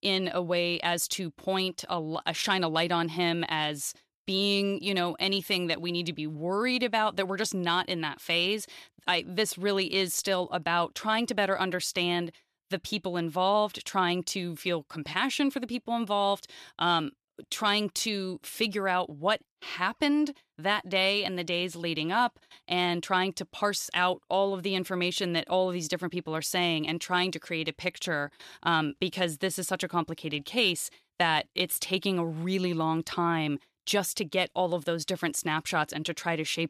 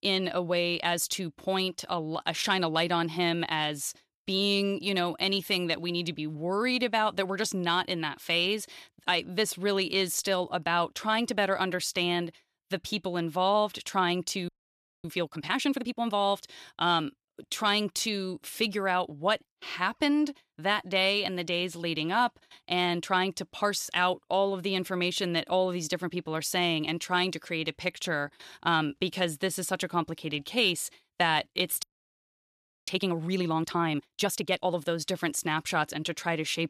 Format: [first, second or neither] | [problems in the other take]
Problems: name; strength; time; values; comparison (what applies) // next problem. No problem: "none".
first | audio freezing; at 14 s for 0.5 s and at 32 s for 1 s